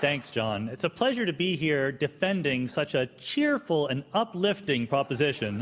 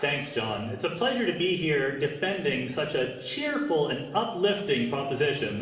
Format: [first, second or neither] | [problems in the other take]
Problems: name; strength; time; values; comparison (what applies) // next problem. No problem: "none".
first | room echo; dies away in 1.1 s